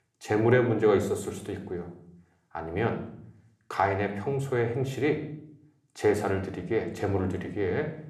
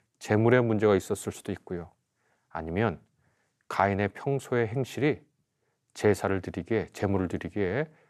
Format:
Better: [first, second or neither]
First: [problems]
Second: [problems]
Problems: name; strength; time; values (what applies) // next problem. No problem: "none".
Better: second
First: room echo; slight; dies away in 0.6 s // off-mic speech; somewhat distant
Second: none